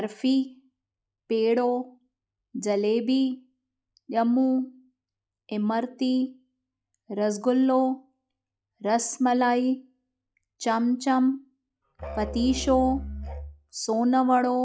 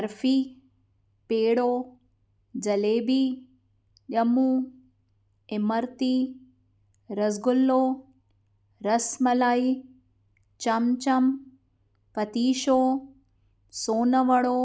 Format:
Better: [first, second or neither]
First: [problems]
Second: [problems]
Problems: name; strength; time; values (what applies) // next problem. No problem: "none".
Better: second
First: noise reduction (classical method log-MMSE)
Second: none